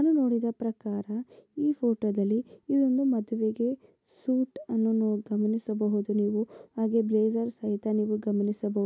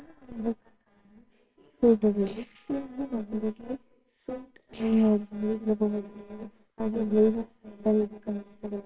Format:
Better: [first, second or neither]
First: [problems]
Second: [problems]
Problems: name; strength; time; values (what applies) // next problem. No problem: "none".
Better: first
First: none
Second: noise reduction (neural separator model SepFormer WHAMR!)